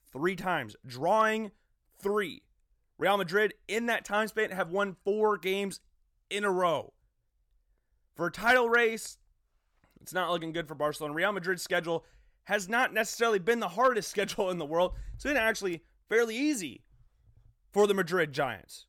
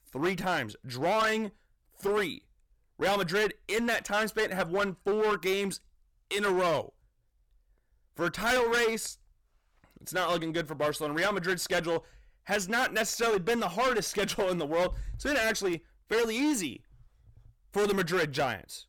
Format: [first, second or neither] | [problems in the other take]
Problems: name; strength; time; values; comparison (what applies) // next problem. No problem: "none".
first | distortion; heavy; 14% of the sound clipped